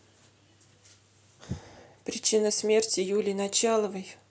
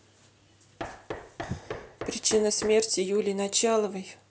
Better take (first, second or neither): first